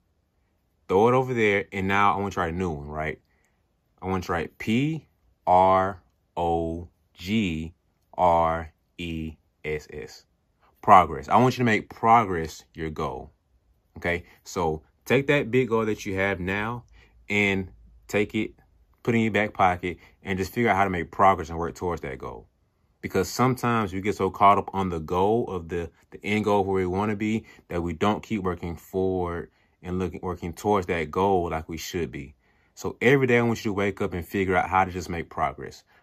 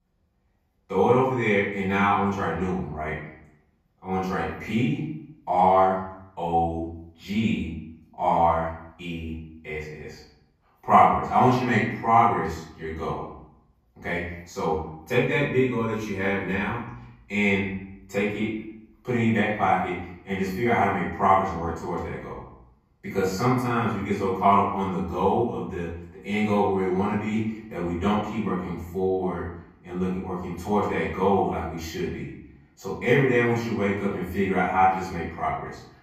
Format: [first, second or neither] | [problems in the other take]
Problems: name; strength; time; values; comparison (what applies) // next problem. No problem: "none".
first | room echo; noticeable; dies away in 0.7 s // off-mic speech; far